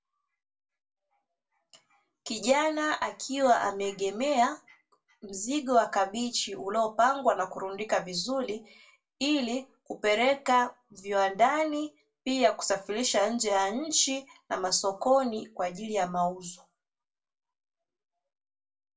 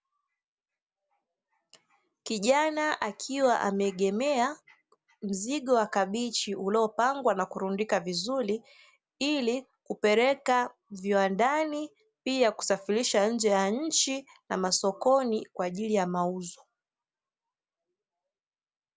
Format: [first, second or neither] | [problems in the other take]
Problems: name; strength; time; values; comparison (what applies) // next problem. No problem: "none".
second | room echo; dies away in 0.2 s